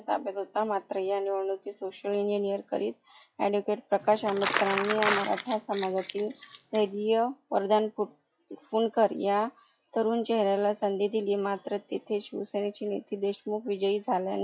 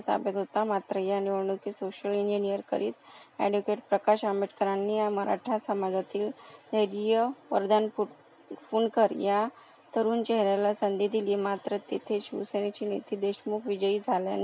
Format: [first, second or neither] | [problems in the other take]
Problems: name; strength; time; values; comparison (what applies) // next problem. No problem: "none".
second | noise reduction (classical method log-MMSE)